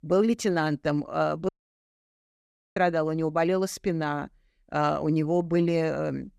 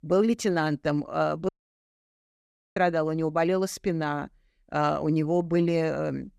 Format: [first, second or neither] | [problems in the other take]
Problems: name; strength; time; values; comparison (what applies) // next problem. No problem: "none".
neither | audio cutting out; at 1.5 s for 1.5 s; the same in both